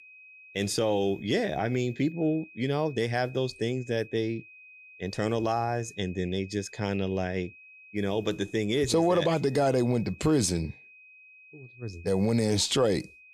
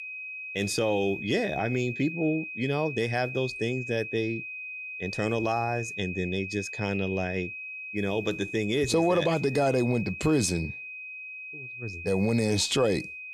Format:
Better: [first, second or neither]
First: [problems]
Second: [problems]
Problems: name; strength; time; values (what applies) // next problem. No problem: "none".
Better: first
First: high-pitched whine; faint; throughout; 2.5 kHz, 20 dB below the speech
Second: high-pitched whine; loud; throughout; 2.5 kHz, 8 dB below the speech